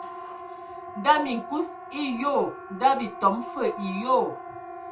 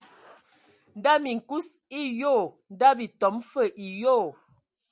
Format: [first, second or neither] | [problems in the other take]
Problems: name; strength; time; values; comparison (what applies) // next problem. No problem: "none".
second | background sound (Siren); 11 dB below the speech // room echo; dies away in 0.2 s